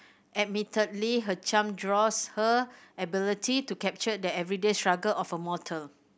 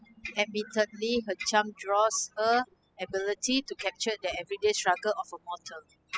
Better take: first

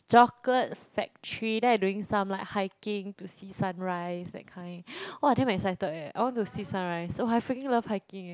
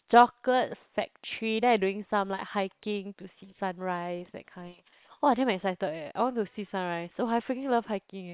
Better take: first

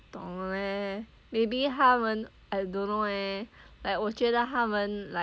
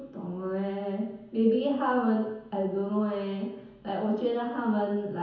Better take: first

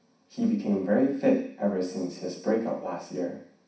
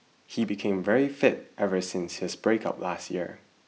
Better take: second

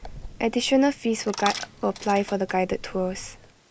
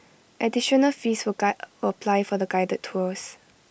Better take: second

